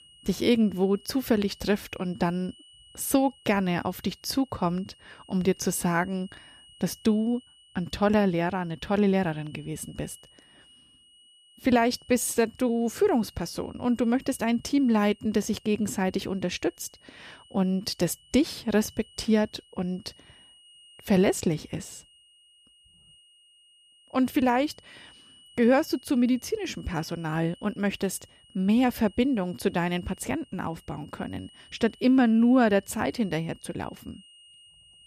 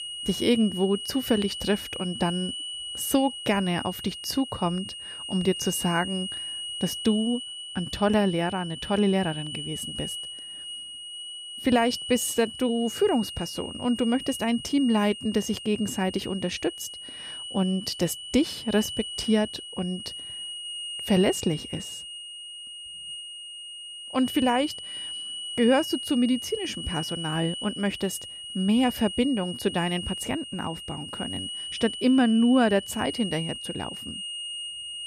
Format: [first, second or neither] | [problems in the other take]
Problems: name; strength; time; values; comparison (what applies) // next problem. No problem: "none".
first | high-pitched whine; loud; throughout; 3 kHz, 8 dB below the speech; faint in the first